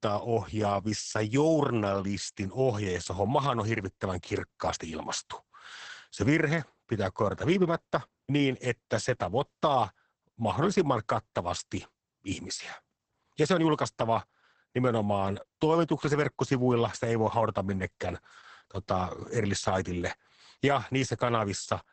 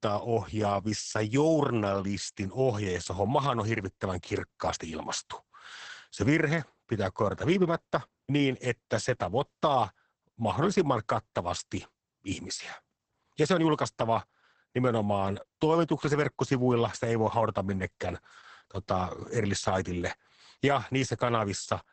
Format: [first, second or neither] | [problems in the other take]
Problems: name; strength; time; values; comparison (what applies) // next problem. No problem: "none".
neither | garbled, watery; badly; nothing above 8 kHz; the same in both